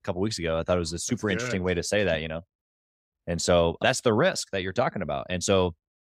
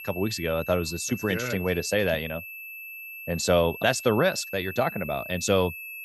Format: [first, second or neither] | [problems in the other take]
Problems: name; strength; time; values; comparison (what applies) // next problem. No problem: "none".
first | high-pitched whine; noticeable; throughout; 2.5 kHz, 10 dB below the speech